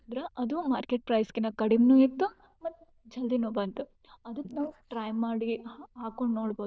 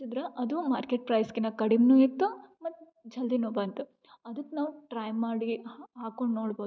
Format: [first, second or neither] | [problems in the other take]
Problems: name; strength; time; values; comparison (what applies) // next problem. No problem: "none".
second | noise reduction (neural diffusion model UNIVERSE++)